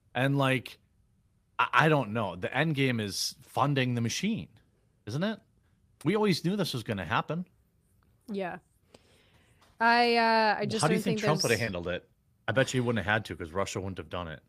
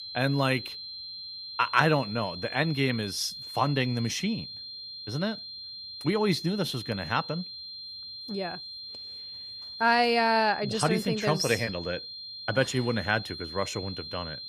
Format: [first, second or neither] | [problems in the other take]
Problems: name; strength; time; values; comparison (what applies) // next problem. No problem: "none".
first | high-pitched whine; loud; throughout; 4 kHz, 10 dB below the speech